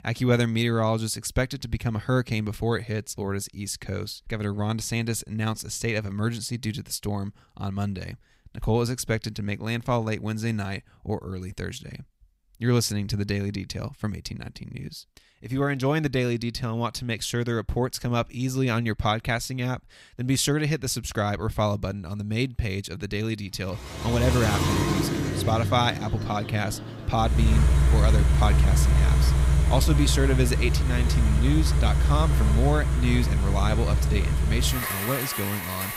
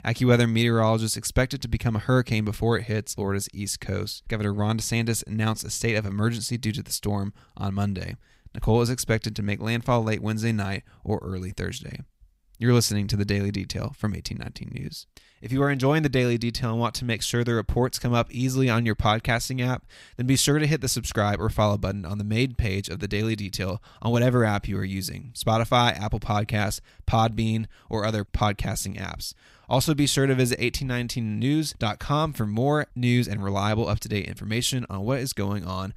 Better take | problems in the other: second | traffic noise; very loud; from 24 s on; 3 dB above the speech

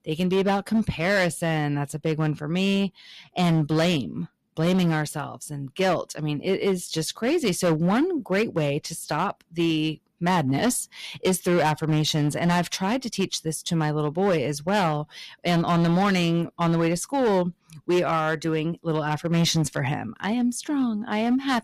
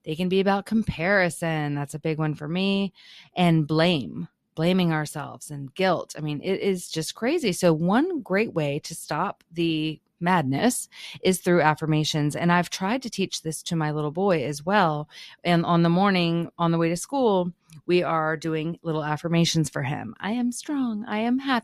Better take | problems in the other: second | distortion; slight; 8% of the sound clipped

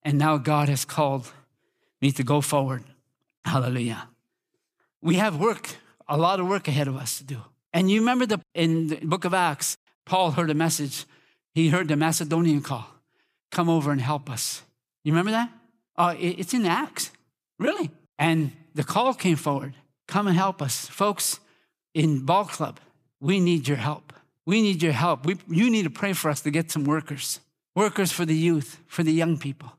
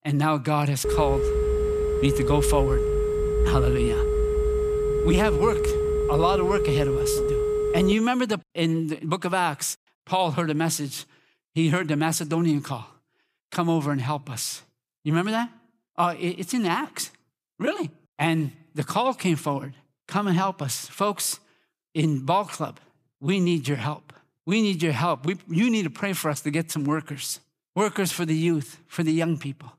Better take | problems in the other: first | phone ringing; loud; from 1 to 8 s; peak 3 dB above the speech

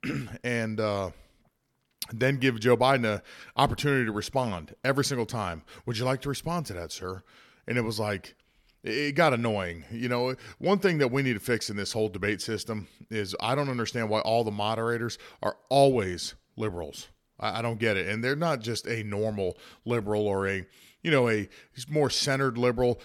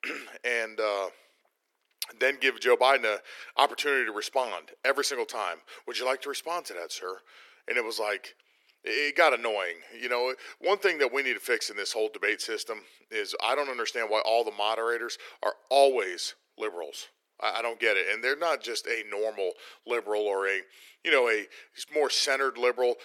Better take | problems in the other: first | thin; very; fading below 350 Hz

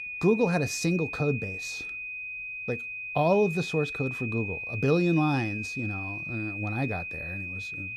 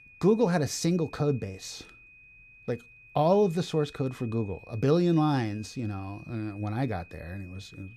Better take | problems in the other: second | high-pitched whine; loud; throughout; 2.5 kHz, 5 dB below the speech; faint in the second

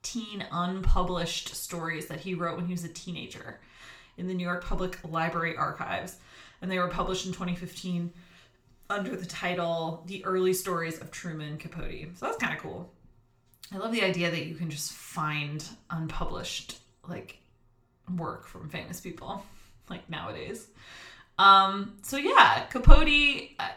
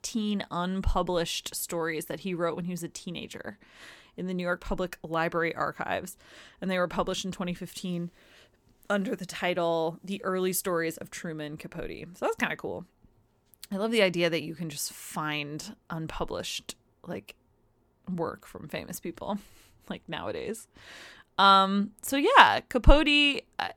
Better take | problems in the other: second | room echo; very slight; dies away in 0.3 s // off-mic speech; somewhat distant

